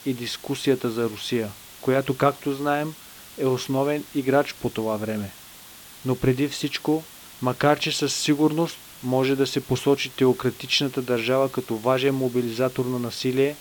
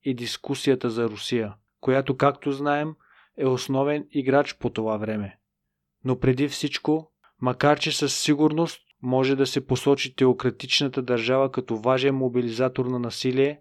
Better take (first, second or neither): second